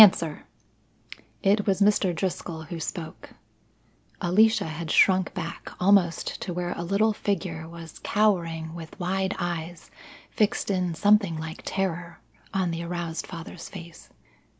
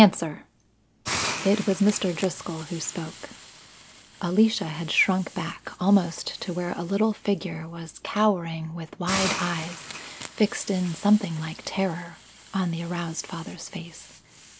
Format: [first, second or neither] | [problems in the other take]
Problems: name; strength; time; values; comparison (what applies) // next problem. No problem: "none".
first | background sound (Hiss); 12 dB below the speech